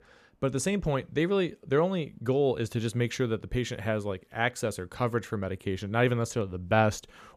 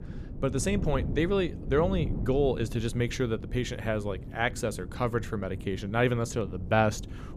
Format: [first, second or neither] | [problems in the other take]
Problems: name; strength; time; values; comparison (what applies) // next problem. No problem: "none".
first | wind noise on the microphone; occasional gusts; 15 dB below the speech